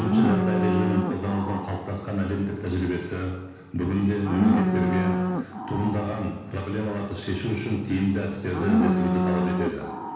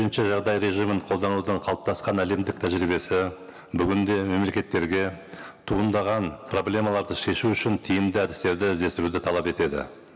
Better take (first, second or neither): second